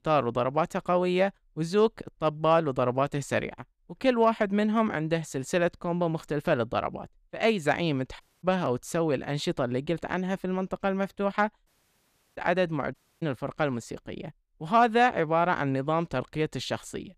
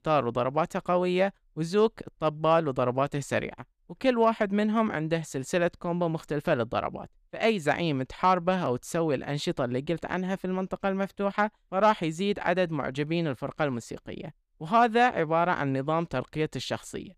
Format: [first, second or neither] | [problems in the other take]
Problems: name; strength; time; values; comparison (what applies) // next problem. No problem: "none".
second | audio cutting out; at 8 s, at 12 s for 0.5 s and at 13 s